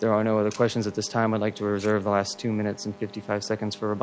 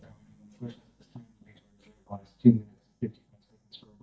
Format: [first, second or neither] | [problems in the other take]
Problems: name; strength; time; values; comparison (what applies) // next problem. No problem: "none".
first | noise reduction (neural mask model DeepFilterNet 3)